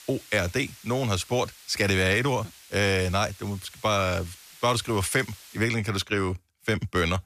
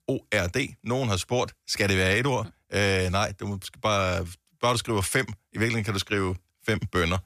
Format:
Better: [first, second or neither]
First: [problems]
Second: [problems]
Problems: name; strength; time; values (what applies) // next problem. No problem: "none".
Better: second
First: hiss; faint; until 5.5 s; 20 dB below the speech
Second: none